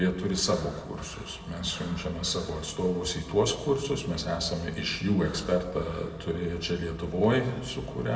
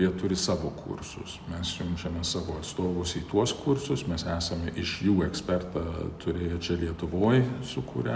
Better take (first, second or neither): second